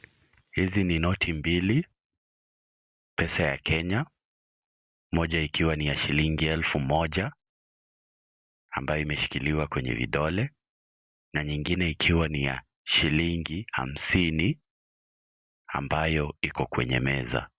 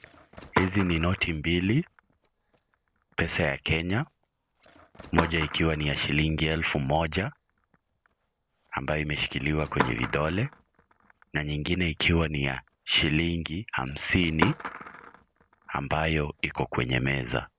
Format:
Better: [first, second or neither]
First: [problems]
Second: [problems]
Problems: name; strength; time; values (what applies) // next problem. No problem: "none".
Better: first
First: none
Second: background sound (Skateboard); 11 dB below the speech